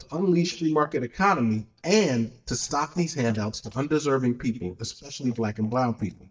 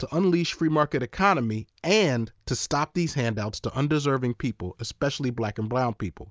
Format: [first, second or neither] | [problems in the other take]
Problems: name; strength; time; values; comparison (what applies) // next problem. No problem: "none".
second | noise reduction (neural mask model DeepFilterNet 3)